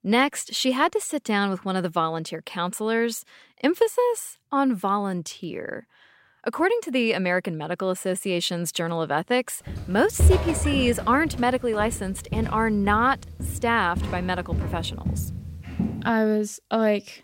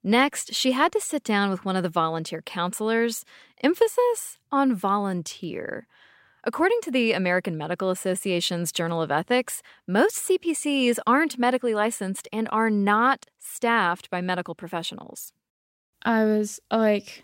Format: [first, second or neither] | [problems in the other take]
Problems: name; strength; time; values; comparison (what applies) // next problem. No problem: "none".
second | footsteps; loud; from 9.5 to 16 s; peak 4 dB above the speech